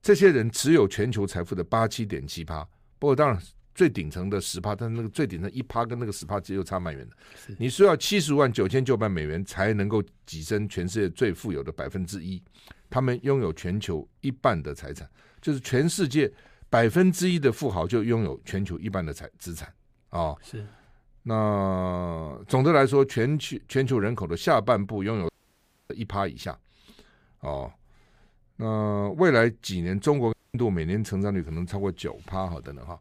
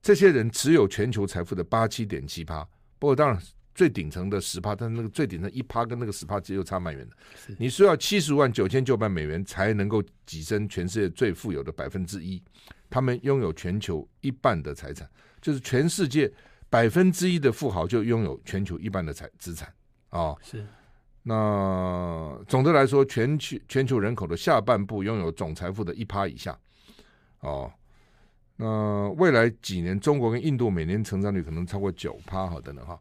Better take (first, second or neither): second